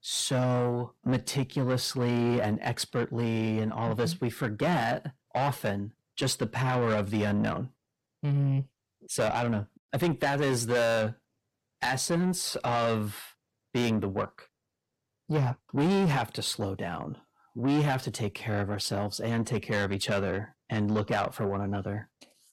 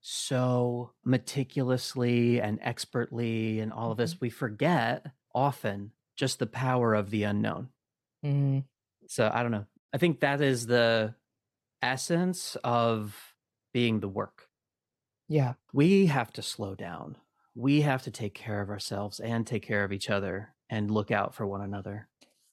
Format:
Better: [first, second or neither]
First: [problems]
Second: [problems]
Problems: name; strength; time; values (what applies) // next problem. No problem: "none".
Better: second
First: distortion; heavy; 7 dB below the speech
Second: none